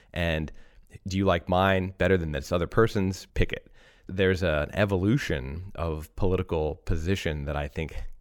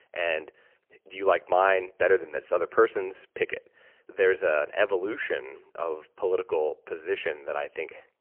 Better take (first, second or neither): first